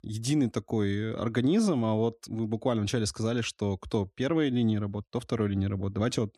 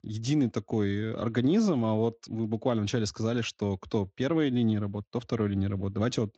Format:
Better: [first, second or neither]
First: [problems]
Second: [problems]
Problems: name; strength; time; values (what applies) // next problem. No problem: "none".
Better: first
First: none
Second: garbled, watery; slightly